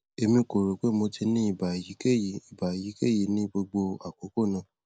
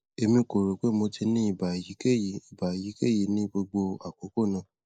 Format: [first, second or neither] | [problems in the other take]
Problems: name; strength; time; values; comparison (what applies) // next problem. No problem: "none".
first | noise reduction (neural mask model Resemble Enhance denoiser)